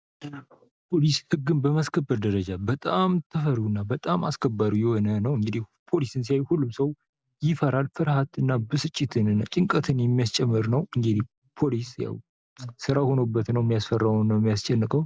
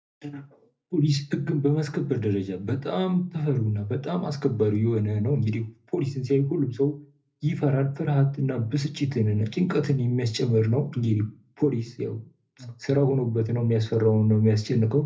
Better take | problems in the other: first | room echo; dies away in 0.3 s

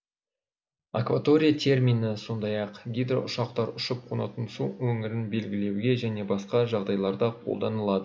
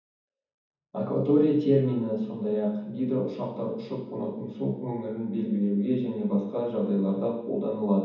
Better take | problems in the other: first | room echo; dies away in 1.2 s

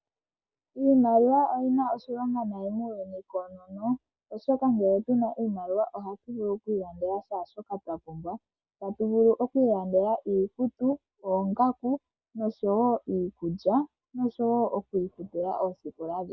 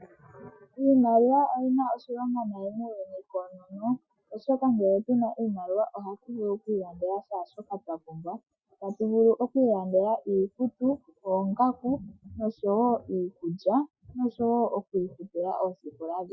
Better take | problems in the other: first | noise reduction (classical method Wiener filter)

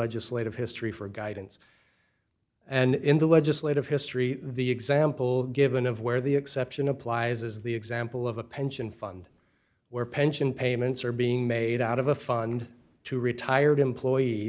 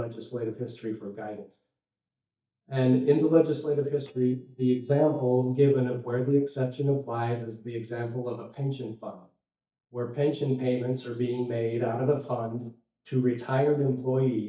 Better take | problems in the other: first | noise reduction (neural mask model DeepFilterNet 3)

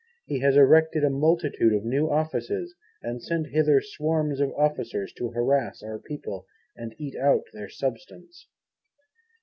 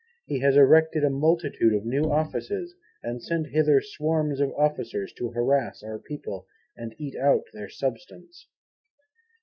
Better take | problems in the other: first | noise reduction (classical method log-MMSE)

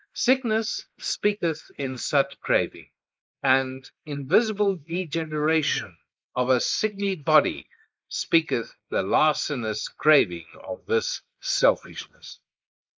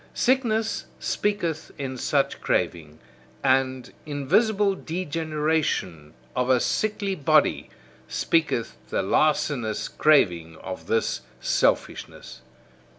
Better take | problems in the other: second | noise reduction (neural mask model Resemble Enhance denoiser)

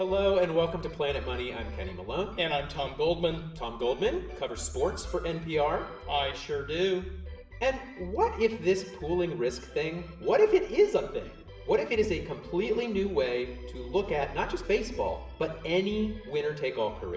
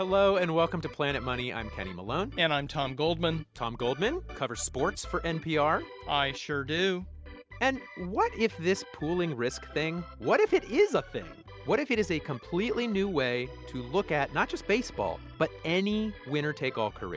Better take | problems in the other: second | room echo; dies away in 0.8 s

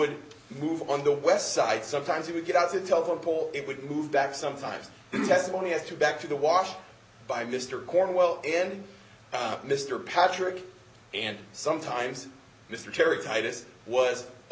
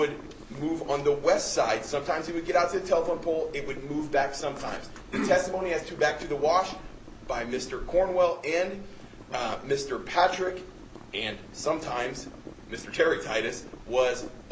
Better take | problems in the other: first | background sound (Boiling); 15 dB below the speech

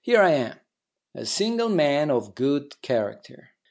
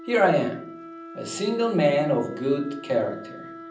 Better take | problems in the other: first | background sound (Wind instrument, woodwind instrument); 16 dB below the speech // room echo; dies away in 0.6 s

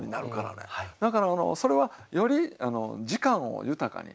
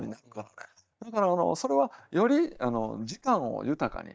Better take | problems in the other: first | noise reduction (neural mask model DeepFilterNet 3)

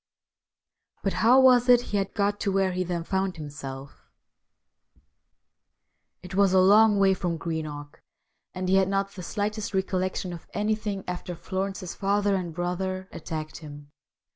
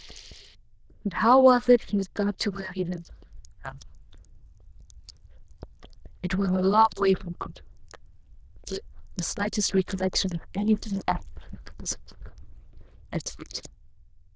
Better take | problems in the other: first | noise reduction (neural diffusion model UNIVERSE++)

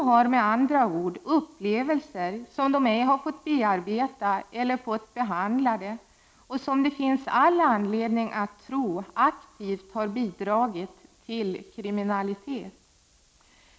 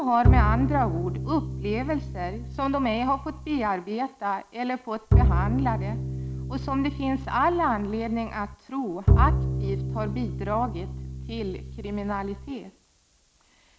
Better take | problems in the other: first | background sound (Bowed string instrument); 2 dB above the speech

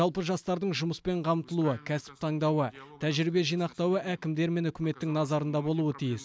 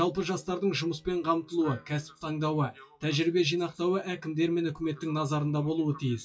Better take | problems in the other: first | noise reduction (classical method WPE with log-MMSE)

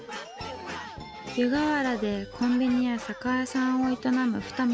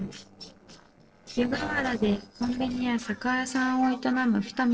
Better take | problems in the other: first | noise reduction (neural separator model SepFormer DNS4)

